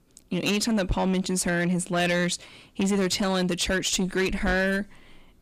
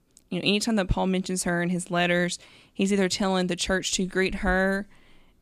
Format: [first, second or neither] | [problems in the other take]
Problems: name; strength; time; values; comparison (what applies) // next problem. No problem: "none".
second | distortion; slight; 10 dB below the speech